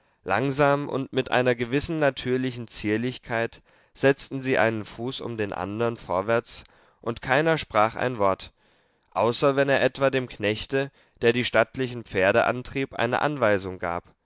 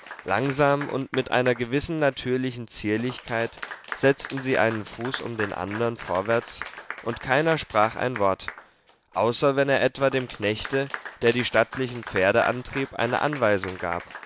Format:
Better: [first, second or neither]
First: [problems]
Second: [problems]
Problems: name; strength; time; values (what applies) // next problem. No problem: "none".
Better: first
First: none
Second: background sound (Applause / Clapping); 14 dB below the speech